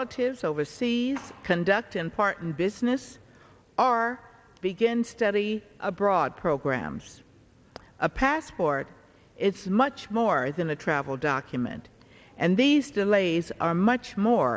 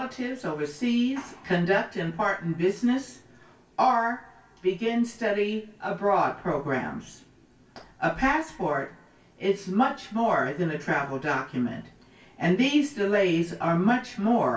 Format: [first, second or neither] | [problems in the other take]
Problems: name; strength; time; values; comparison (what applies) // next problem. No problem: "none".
first | room echo; dies away in 0.2 s